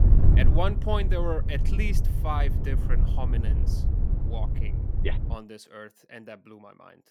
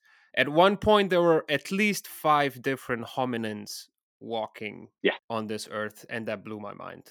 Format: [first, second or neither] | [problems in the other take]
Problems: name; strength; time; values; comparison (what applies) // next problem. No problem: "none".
second | wind noise on the microphone; heavy; until 5.5 s; 6 dB below the speech